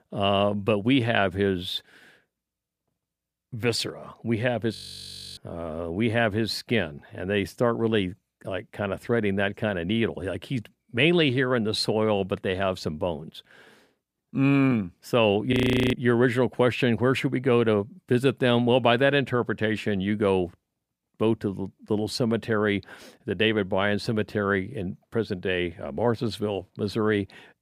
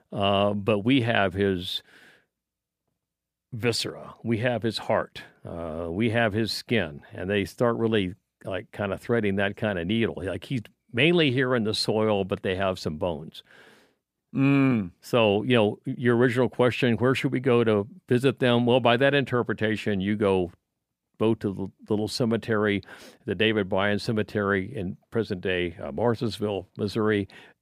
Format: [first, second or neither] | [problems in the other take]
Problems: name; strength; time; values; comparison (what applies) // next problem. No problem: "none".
second | audio freezing; at 5 s for 0.5 s and at 16 s